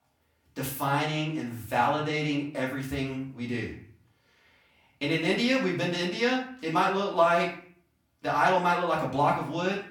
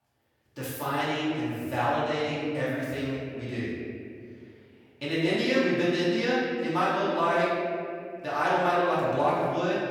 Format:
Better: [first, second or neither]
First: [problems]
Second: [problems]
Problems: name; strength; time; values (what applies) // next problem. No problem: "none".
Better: first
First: room echo; slight; dies away in 0.4 s // off-mic speech; far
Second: room echo; strong; dies away in 2.2 s // off-mic speech; far